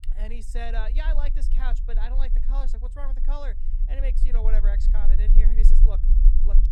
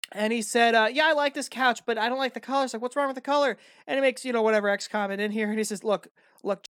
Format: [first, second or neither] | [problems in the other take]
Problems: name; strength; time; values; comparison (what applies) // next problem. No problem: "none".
second | low rumble; loud; throughout; 9 dB below the speech